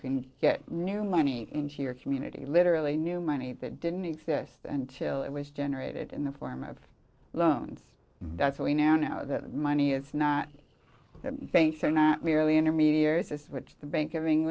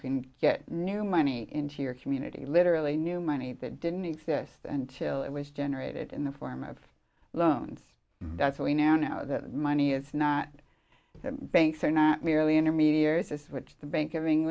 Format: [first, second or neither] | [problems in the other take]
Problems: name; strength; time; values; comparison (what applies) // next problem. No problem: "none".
second | noise reduction (neural separator model SepFormer DNS4)